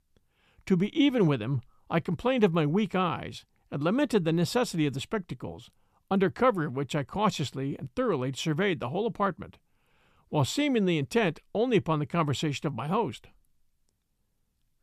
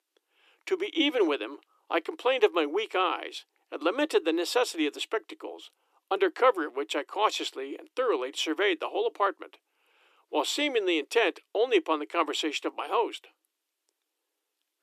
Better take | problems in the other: first | thin; very; fading below 300 Hz

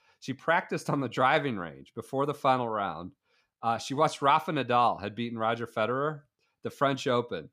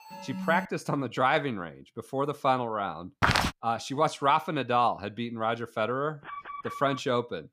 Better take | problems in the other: first | alarm; noticeable; at the start; peak 7 dB below the speech // footsteps; loud; at 3 s; peak 4 dB above the speech // alarm; faint; at 6 s; peak 10 dB below the speech

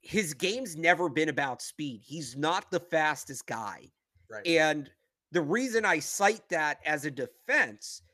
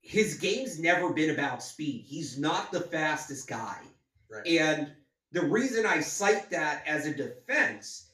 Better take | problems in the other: first | room echo; slight; dies away in 0.4 s // off-mic speech; far

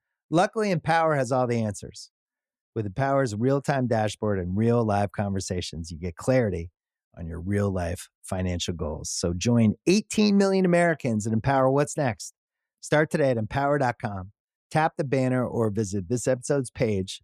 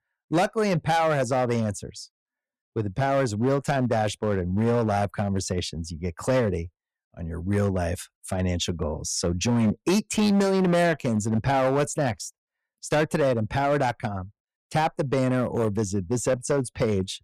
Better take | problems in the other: first | distortion; slight; 8% of the sound clipped

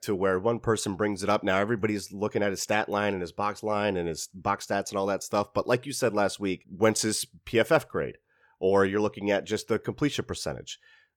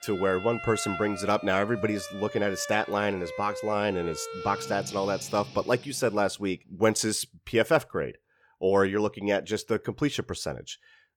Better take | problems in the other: first | background music; noticeable; until 6 s; 10 dB below the speech

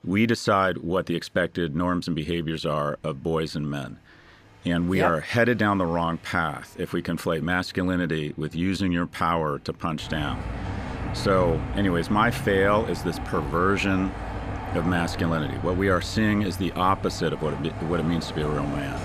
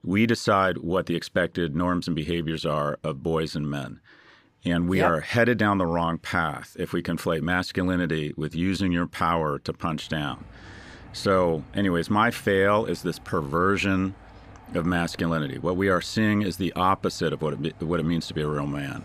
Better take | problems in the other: second | traffic noise; loud; throughout; 8 dB below the speech; faint in the second

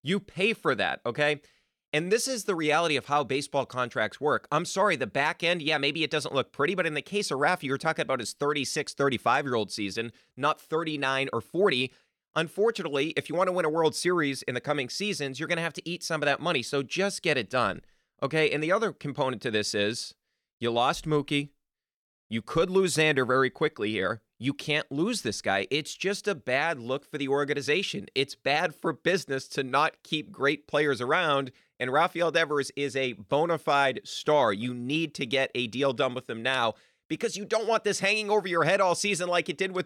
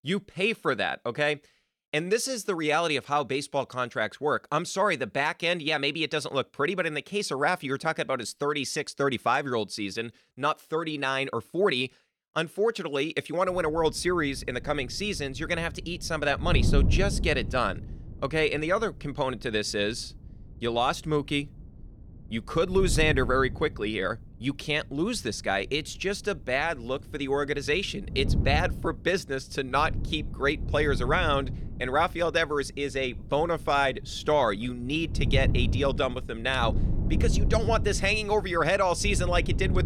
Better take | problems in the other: first | wind noise on the microphone; occasional gusts; from 14 s on; 15 dB below the speech

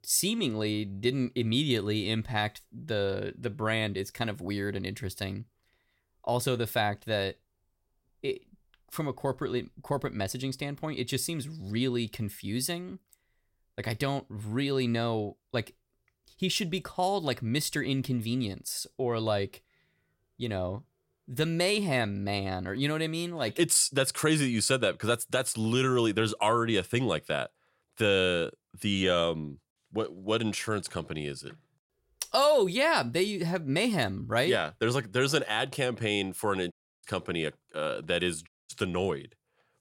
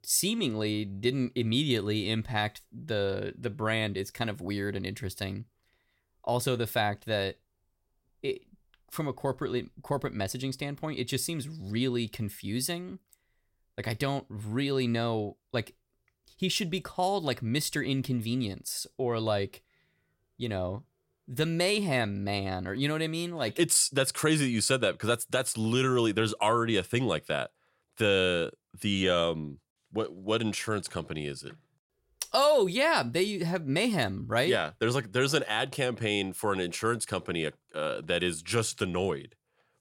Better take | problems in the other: second | audio cutting out; at 37 s and at 38 s

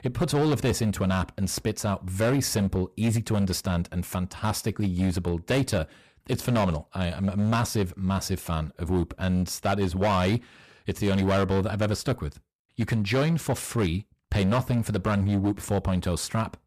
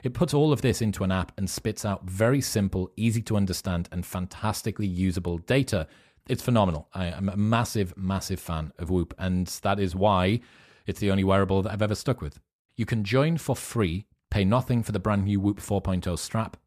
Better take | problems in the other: second | distortion; slight; 10% of the sound clipped

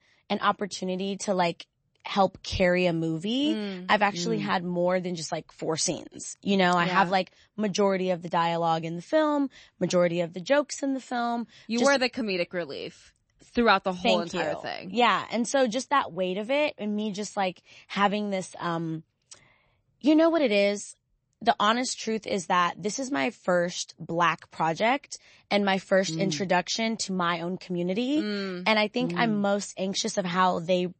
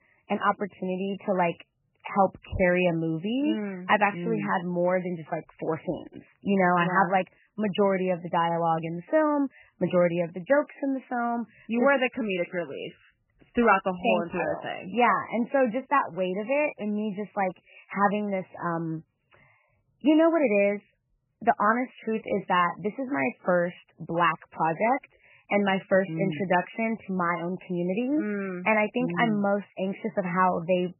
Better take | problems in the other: first | garbled, watery; badly; nothing above 3 kHz; slightly in the first

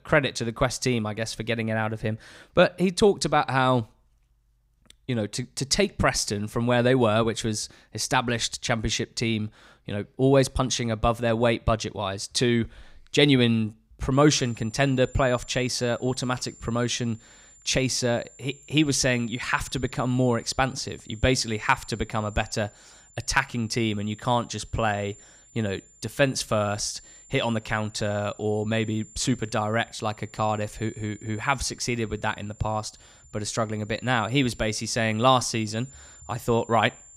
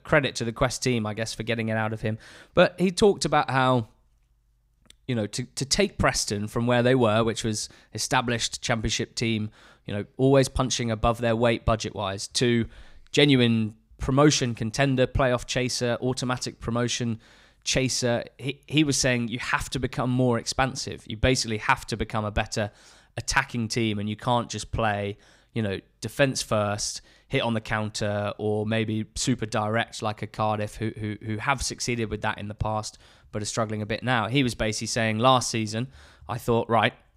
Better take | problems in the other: second | high-pitched whine; faint; from 14 s on; 7 kHz, 25 dB below the speech

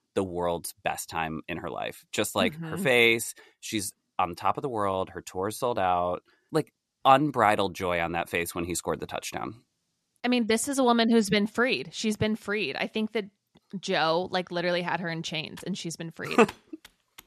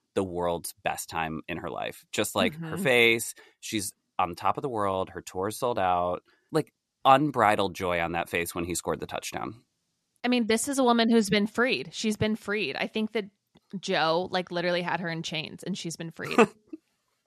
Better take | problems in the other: second | keyboard typing; faint; from 16 s on; peak 15 dB below the speech

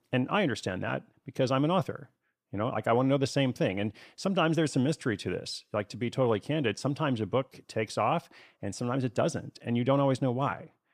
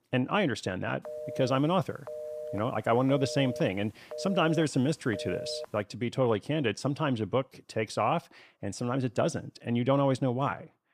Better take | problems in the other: first | phone ringing; noticeable; from 1 to 5.5 s; peak 8 dB below the speech

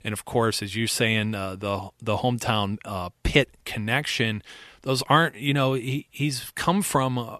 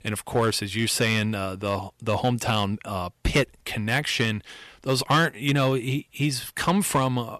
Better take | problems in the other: first | distortion; slight; 2% of the sound clipped

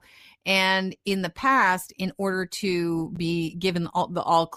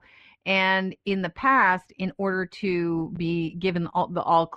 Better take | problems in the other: first | muffled; slightly; fading above 2.5 kHz

